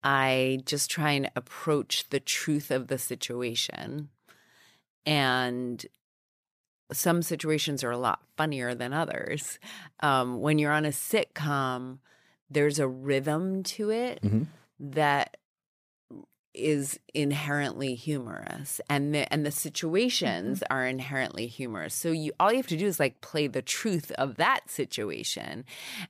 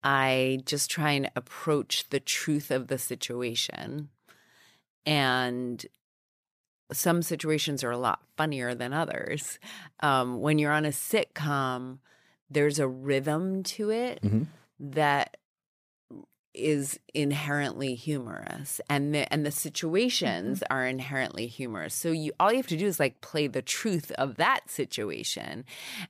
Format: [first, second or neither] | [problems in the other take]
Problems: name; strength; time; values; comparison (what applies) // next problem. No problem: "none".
neither | none